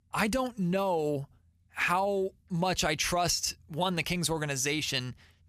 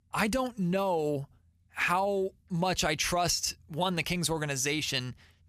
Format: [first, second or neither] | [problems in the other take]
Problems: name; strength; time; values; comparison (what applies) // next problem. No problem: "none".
neither | none